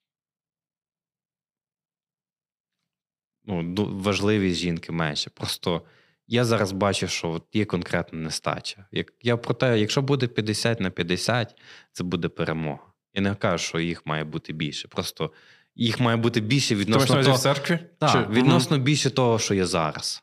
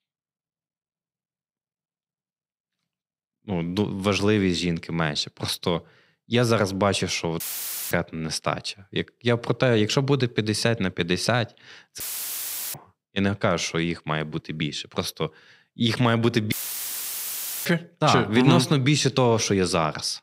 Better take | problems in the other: first | audio cutting out; filled with static; at 7.5 s for 0.5 s, at 12 s for 0.5 s and at 17 s for 1 s

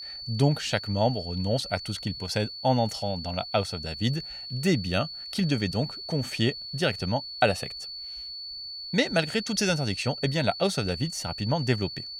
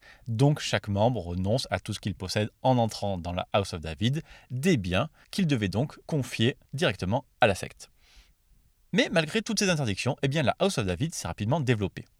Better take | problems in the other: second | high-pitched whine; loud; throughout; 4.5 kHz, 8 dB below the speech

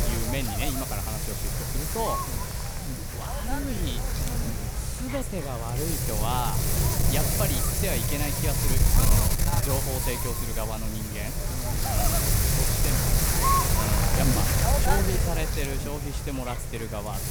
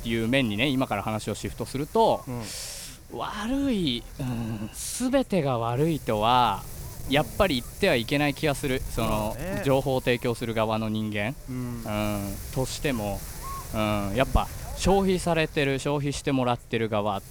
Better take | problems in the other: second | wind noise on the microphone; heavy; 5 dB above the speech; occasional gusts in the second

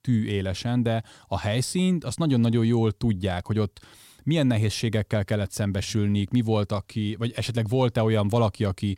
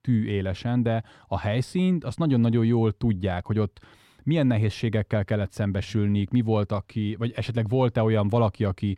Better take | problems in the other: first | muffled; slightly; fading above 4 kHz

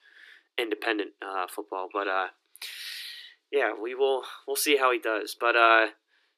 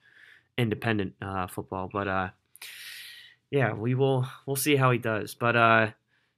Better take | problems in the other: second | thin; very; fading below 300 Hz

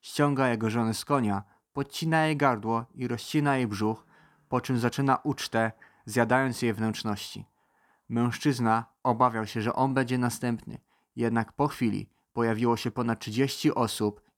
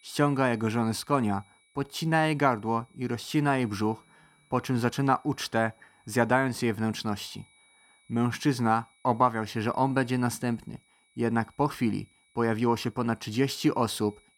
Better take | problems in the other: first | high-pitched whine; faint; throughout; 2.5 kHz, 35 dB below the speech

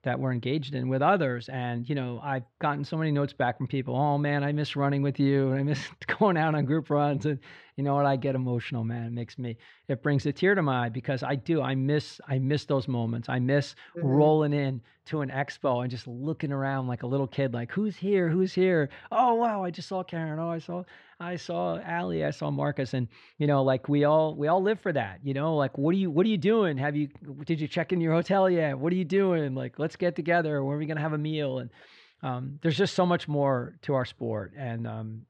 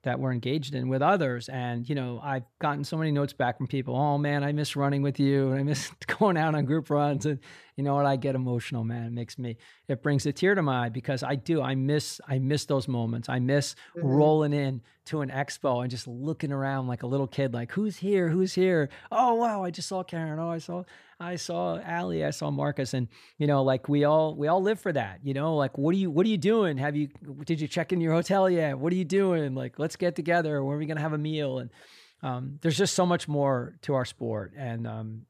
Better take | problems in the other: second | muffled; very slightly; fading above 3 kHz

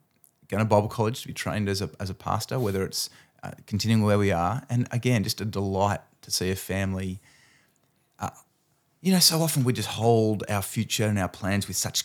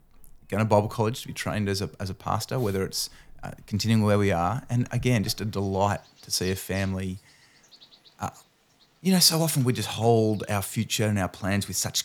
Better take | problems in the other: first | animal sounds; faint; throughout; 25 dB below the speech

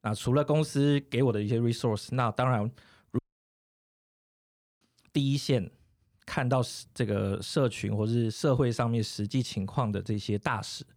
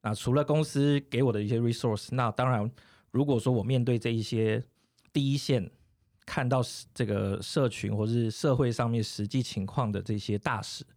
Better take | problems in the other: second | audio cutting out; at 3 s for 1.5 s

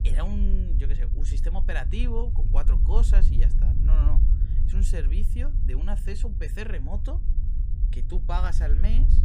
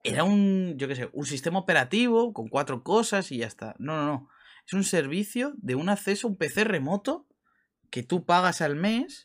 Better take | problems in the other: second | low rumble; loud; throughout; 7 dB below the speech

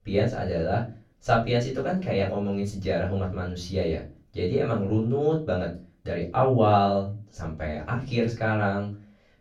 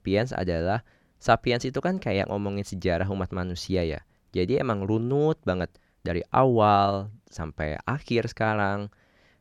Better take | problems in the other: second | room echo; slight; dies away in 0.3 s // off-mic speech; far

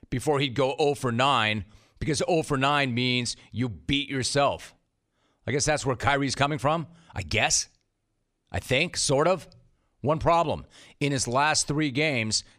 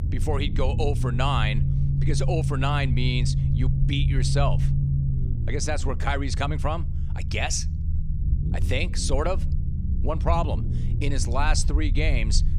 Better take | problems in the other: first | low rumble; noticeable; throughout; 10 dB below the speech

